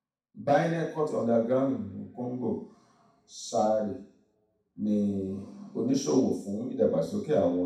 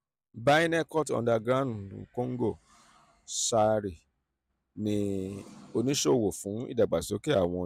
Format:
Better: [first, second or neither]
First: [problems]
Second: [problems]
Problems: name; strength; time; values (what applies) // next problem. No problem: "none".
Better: second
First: room echo; dies away in 0.6 s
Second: none